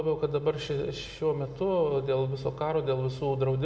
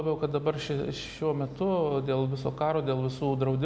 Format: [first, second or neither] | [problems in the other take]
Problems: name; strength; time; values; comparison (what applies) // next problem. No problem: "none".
second | room echo; dies away in 0.6 s